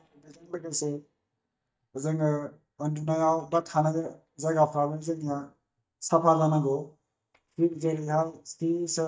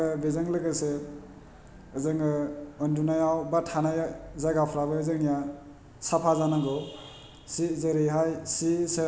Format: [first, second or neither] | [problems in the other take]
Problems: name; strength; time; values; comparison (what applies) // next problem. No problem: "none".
second | noise reduction (neural mask model DeepFilterNet 3)